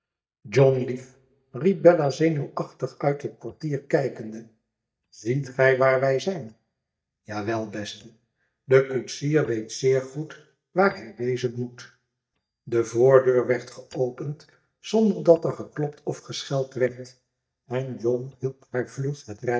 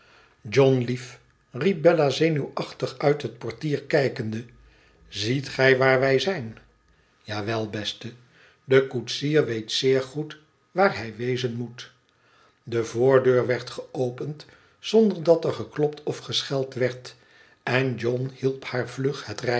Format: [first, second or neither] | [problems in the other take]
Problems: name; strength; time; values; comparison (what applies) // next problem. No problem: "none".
second | noise reduction (neural mask model DeepFilterNet 3)